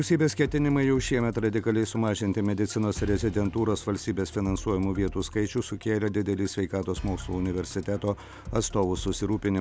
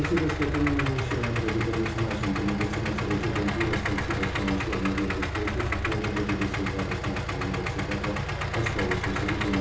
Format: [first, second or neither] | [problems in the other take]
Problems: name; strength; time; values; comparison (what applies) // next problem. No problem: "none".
first | background sound (Idling); as loud as the speech // room echo; dies away in 1 s